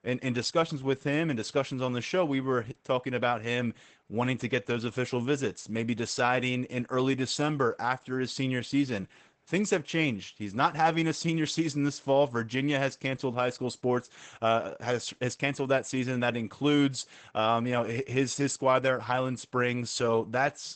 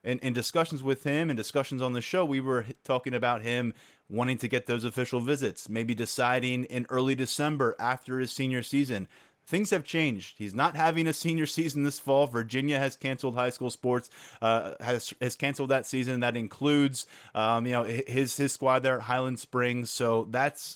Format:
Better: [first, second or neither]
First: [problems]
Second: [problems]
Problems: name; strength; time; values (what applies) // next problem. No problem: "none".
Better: second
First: garbled, watery; badly; nothing above 8 kHz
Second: garbled, watery; slightly; nothing above 15.5 kHz